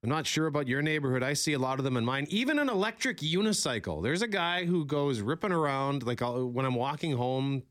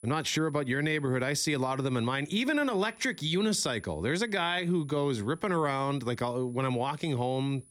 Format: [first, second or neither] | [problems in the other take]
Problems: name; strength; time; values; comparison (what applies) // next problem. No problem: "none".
first | high-pitched whine; faint; throughout; 10 kHz, 25 dB below the speech